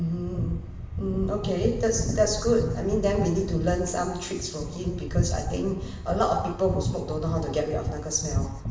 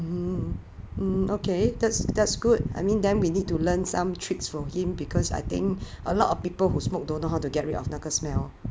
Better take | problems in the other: second | room echo; dies away in 1 s

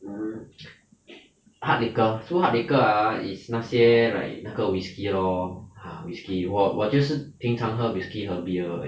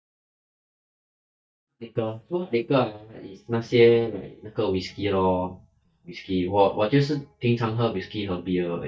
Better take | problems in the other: first | noise reduction (neural mask model DeepFilterNet 3)

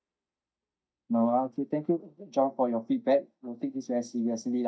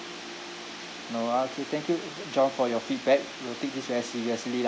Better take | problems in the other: second | noise reduction (neural mask model DeepFilterNet 3)

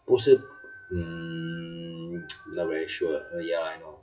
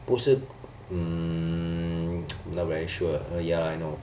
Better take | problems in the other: second | noise reduction (classical method WPE with log-MMSE)

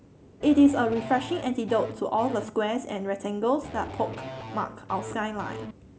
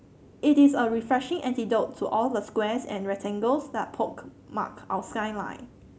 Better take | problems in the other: second | background sound (Electric guitar / Bass guitar); 12 dB below the speech

